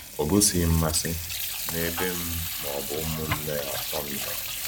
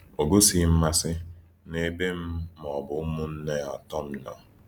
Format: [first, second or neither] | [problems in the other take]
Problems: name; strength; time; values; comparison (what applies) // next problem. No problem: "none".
second | background sound (Sink (filling or washing) / Water tap, faucet); 4 dB below the speech